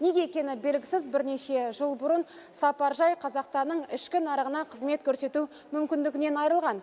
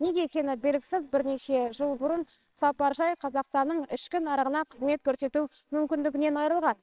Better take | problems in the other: first | noise reduction (neural separator model SepFormer WHAMR!)

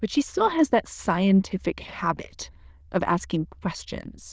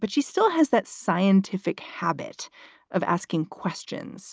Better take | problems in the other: second | noise reduction (neural diffusion model UNIVERSE++)

